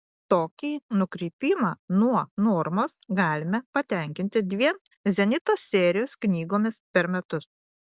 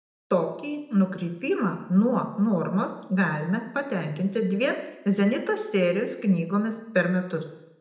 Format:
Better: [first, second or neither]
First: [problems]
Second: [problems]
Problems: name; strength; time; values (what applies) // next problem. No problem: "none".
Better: first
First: none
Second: room echo; dies away in 0.7 s